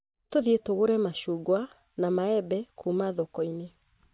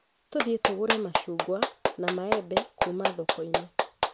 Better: first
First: none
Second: background sound (Clapping); 3 dB above the speech

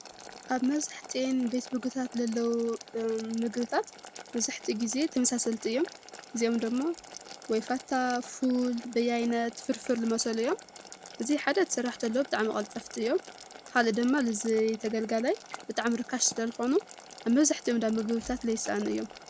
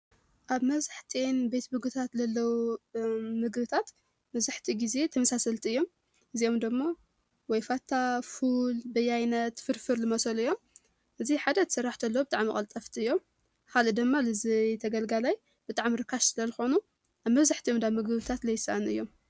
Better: second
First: background sound (Boiling); 17 dB below the speech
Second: none

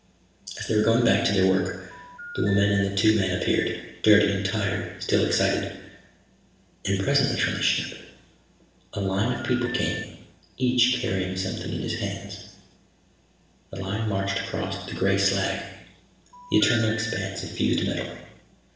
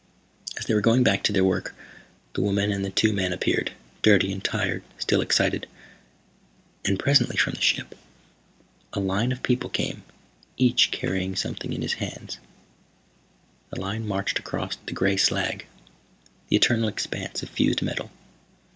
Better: second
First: background sound (Telephone); 13 dB below the speech // room echo; dies away in 0.8 s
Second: none

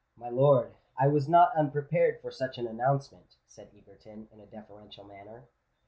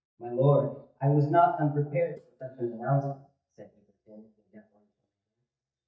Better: first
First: none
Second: noise reduction (neural mask model DeepFilterNet 3)

